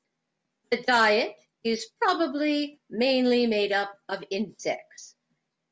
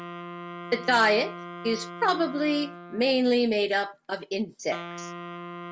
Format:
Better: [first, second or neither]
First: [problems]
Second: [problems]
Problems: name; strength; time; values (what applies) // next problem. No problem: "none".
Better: first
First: none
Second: background sound (Wind instrument, woodwind instrument); 13 dB below the speech